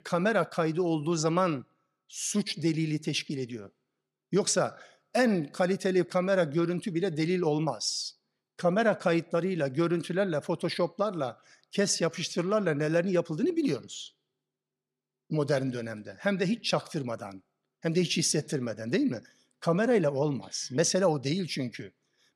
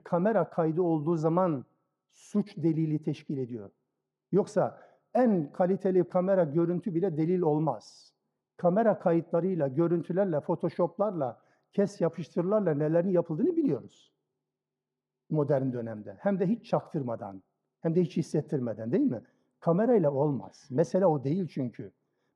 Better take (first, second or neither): first